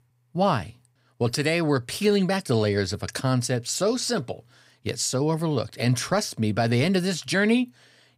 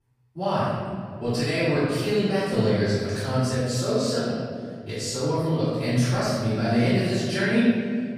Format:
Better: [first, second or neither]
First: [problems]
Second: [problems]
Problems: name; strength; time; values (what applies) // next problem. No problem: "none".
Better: first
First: none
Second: off-mic speech; far // room echo; strong; dies away in 2 s